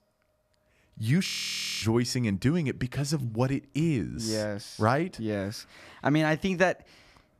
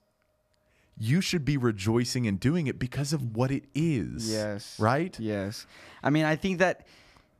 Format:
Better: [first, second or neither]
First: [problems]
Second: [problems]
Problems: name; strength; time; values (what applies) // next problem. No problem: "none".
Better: second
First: audio freezing; at 1.5 s for 0.5 s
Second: none